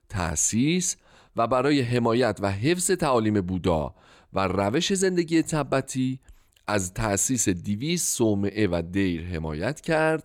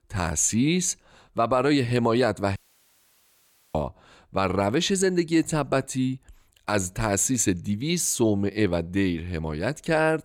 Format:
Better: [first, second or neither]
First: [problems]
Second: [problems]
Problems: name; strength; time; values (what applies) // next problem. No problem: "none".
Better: first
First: none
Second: audio cutting out; at 2.5 s for 1 s